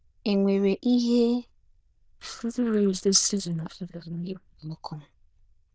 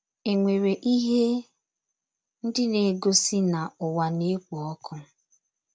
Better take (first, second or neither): second